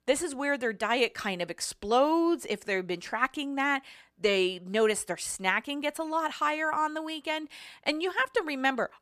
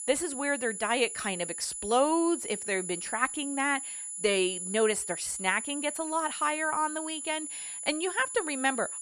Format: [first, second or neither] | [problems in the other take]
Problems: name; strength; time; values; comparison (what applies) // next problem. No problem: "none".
first | high-pitched whine; loud; throughout; 10 kHz, 6 dB below the speech